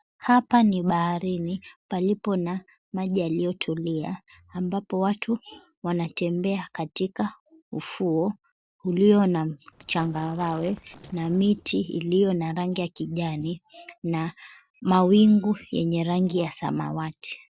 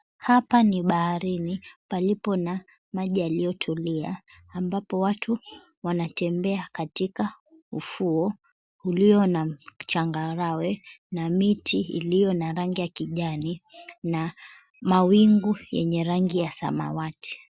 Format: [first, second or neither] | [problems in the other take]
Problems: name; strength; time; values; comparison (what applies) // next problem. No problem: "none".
second | noise reduction (neural separator model SepFormer DNS4)